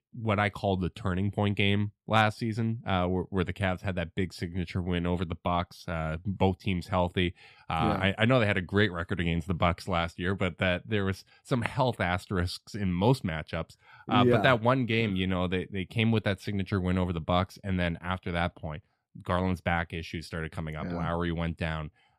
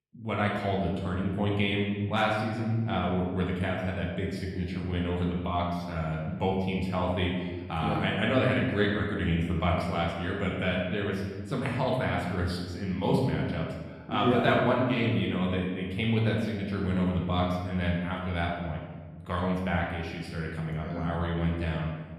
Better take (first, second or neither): first